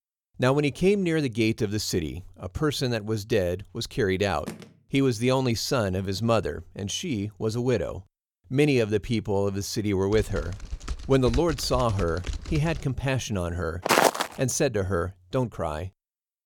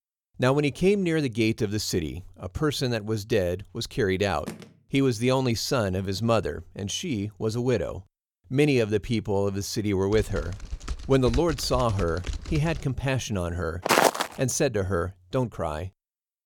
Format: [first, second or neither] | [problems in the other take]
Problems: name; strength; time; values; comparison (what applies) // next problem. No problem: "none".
neither | phone ringing; faint; at 4.5 s; peak 15 dB below the speech; the same in both // keyboard typing; noticeable; from 10 to 13 s; peak 7 dB below the speech; the same in both // footsteps; loud; at 14 s; peak 6 dB above the speech; the same in both